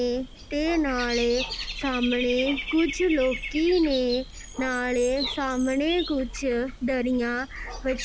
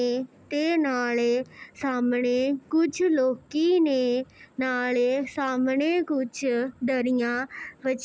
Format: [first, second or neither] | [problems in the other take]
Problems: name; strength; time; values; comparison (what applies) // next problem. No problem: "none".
second | background sound (Bird / Dog); 9 dB below the speech